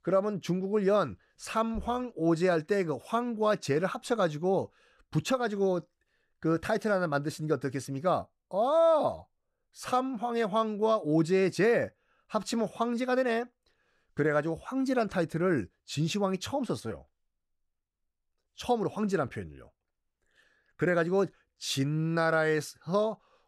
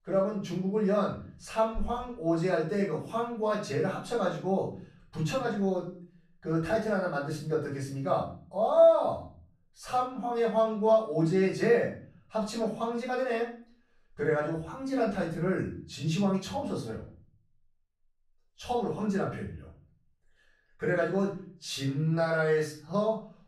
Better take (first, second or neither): first